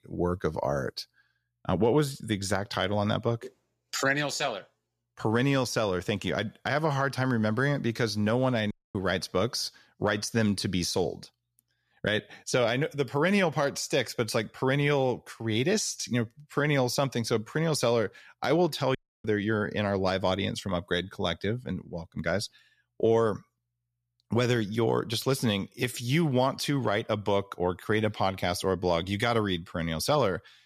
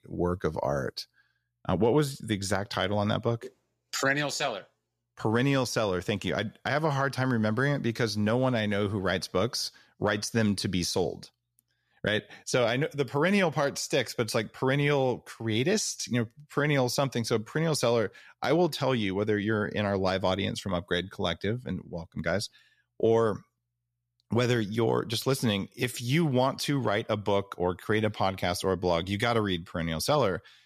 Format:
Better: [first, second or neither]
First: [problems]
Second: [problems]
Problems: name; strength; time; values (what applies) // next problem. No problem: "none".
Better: second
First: audio cutting out; at 8.5 s and at 19 s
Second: none